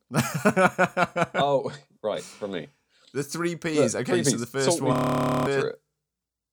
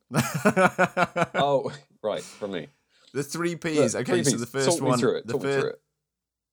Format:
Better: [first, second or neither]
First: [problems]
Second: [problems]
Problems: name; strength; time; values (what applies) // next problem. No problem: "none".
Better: second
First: audio freezing; at 5 s for 0.5 s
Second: none